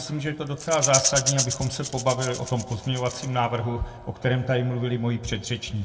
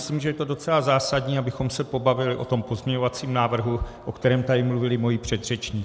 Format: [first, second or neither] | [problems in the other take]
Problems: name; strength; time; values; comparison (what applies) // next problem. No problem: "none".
second | background sound (Rattle / Rattle (instrument)); 4 dB below the speech // room echo; dies away in 1.7 s